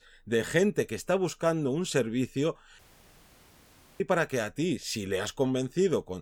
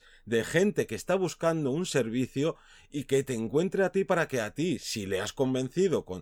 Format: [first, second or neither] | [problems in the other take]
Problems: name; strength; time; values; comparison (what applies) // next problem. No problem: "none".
second | audio cutting out; at 3 s for 1 s